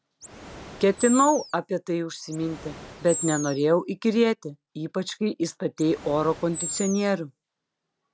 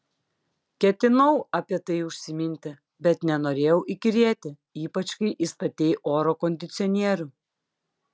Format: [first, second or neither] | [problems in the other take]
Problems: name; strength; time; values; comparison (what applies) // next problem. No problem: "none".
second | background sound (Animal); 10 dB below the speech